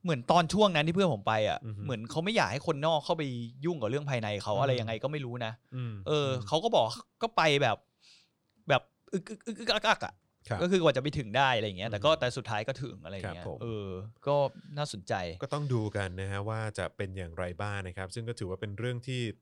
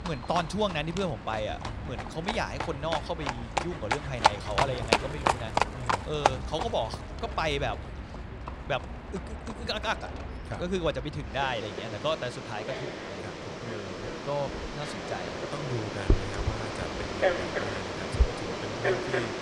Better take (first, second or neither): first